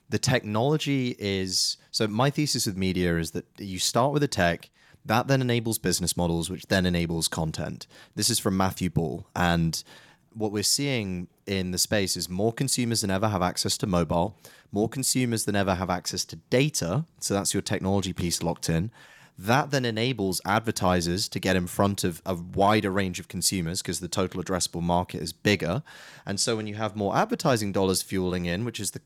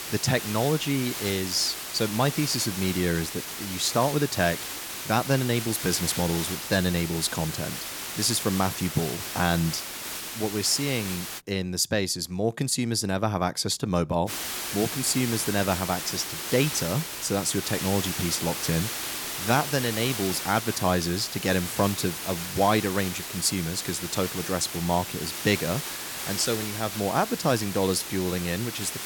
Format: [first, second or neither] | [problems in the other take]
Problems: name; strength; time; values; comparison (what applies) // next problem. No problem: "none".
first | hiss; loud; until 11 s and from 14 s on; 5 dB below the speech